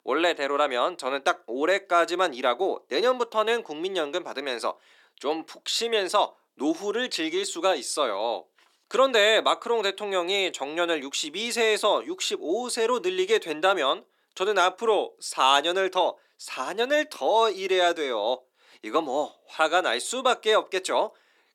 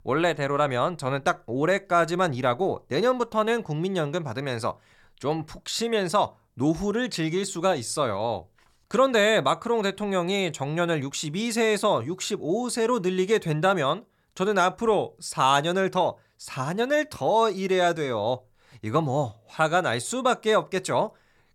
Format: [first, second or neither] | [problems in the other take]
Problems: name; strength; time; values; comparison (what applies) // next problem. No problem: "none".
second | thin; somewhat; fading below 300 Hz